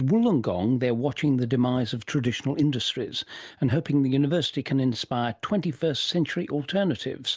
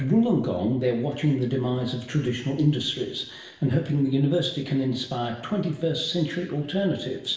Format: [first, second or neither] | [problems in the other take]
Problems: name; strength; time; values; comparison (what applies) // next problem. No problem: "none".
first | room echo; dies away in 0.8 s